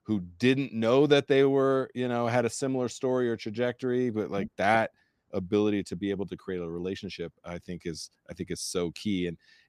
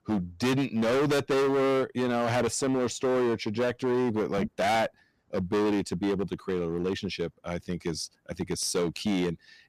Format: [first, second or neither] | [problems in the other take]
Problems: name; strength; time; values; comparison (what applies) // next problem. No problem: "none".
first | distortion; heavy; 18% of the sound clipped